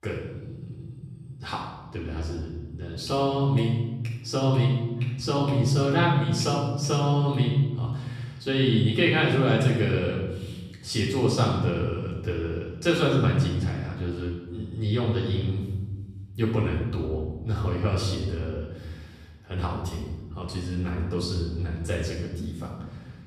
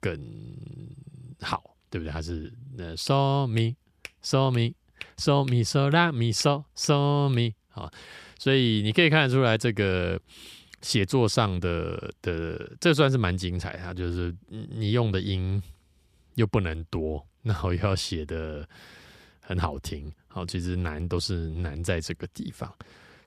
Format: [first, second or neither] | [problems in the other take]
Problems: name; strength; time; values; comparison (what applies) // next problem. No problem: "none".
second | off-mic speech; far // room echo; noticeable; dies away in 1.5 s